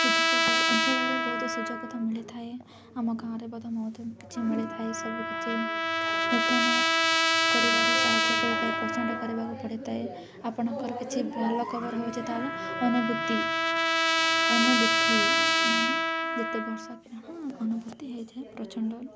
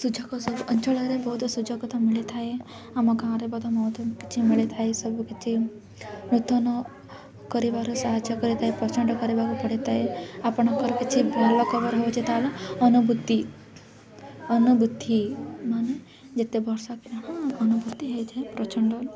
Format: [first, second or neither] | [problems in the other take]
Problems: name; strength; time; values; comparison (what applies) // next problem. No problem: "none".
second | background sound (Trumpet); 4 dB above the speech